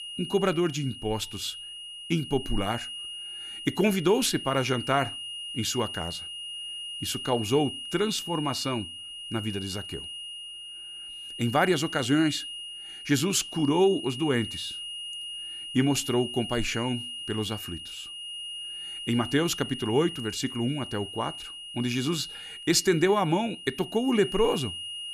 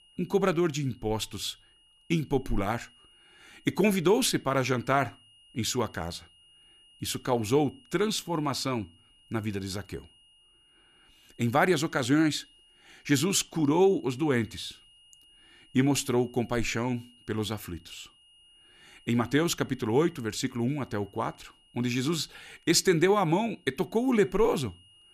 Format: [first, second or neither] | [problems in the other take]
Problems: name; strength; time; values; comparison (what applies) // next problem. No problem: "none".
second | high-pitched whine; loud; throughout; 3 kHz, 8 dB below the speech; faint in the second